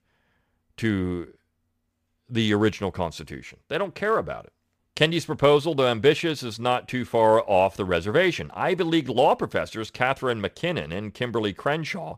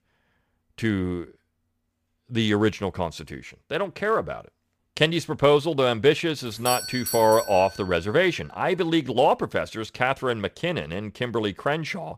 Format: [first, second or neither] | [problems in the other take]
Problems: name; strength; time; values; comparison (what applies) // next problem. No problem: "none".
first | doorbell; noticeable; from 6.5 to 8 s; peak 4 dB below the speech